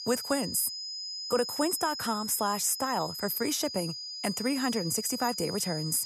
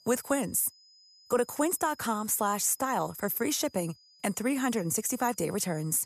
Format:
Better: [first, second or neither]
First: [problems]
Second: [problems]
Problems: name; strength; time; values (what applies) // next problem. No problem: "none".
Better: second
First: high-pitched whine; loud; throughout; 5 kHz, 6 dB below the speech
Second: high-pitched whine; faint; throughout; 5 kHz, 25 dB below the speech